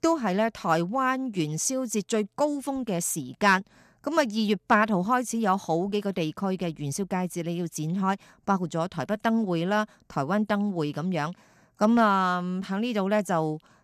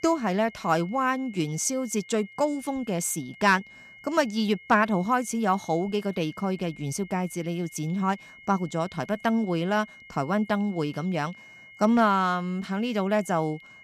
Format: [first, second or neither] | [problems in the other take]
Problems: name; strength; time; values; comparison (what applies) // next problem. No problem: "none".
first | high-pitched whine; faint; throughout; 2 kHz, 20 dB below the speech